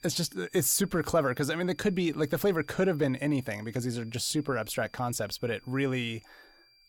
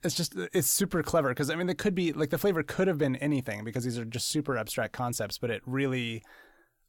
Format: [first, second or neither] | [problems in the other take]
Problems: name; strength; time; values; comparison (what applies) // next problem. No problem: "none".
second | high-pitched whine; faint; throughout; 4.5 kHz, 30 dB below the speech